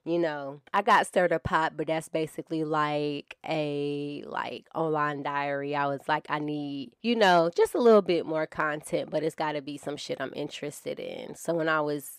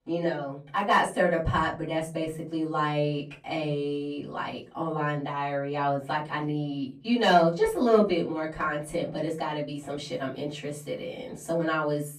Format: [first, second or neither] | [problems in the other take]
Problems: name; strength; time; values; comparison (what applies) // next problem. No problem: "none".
first | off-mic speech; far // room echo; slight; dies away in 0.4 s